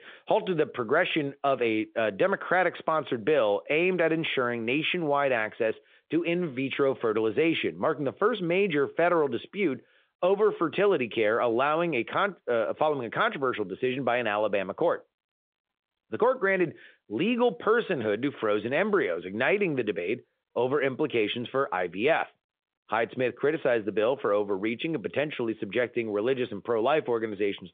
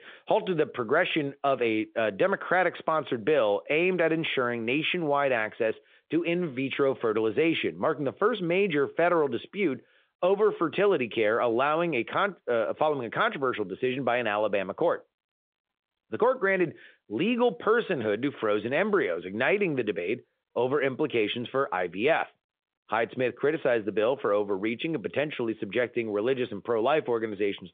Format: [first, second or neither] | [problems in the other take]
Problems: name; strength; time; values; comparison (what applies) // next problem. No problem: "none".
neither | phone-call audio; the same in both